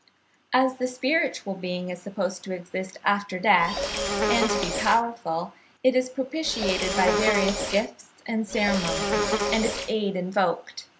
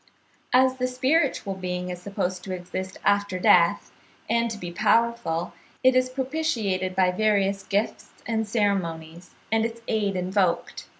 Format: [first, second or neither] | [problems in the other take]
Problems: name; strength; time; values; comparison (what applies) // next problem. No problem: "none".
second | background sound (Insect); as loud as the speech